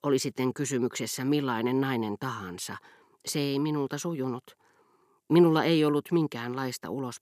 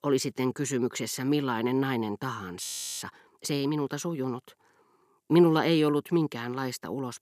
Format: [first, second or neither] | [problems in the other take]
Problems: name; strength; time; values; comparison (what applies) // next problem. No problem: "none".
first | audio freezing; at 2.5 s